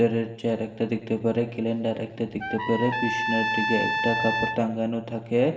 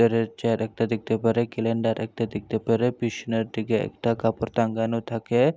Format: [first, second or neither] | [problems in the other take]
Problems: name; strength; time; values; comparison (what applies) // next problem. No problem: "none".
second | background sound (Trumpet); 3 dB below the speech // room echo; dies away in 1.8 s